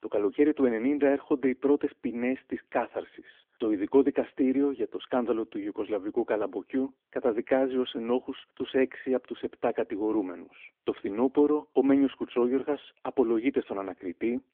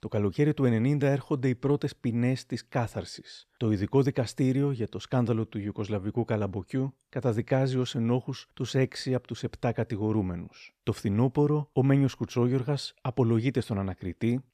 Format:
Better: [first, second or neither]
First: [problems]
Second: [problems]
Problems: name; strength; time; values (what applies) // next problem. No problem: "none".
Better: second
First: phone-call audio; nothing above 3.5 kHz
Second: none